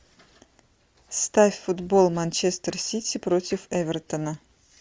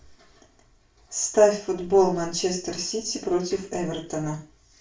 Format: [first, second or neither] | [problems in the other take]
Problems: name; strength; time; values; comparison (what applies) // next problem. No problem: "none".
first | room echo; dies away in 0.3 s